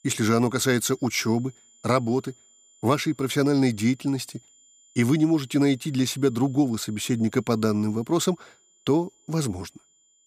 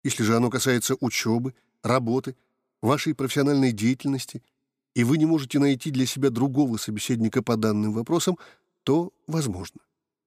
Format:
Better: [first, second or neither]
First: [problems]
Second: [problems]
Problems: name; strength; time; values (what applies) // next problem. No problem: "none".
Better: second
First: high-pitched whine; faint; throughout; 7 kHz, 30 dB below the speech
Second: none